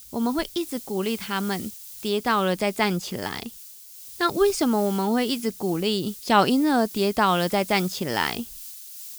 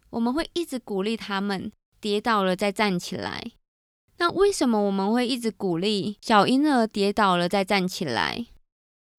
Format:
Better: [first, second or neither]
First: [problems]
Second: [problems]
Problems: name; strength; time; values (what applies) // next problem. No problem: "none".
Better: second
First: hiss; noticeable; throughout; 15 dB below the speech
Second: none